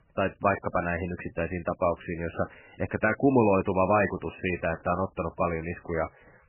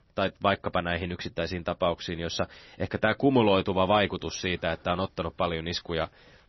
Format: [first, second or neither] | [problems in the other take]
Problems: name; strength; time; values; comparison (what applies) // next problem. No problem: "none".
second | garbled, watery; badly; nothing above 2.5 kHz; slightly in the second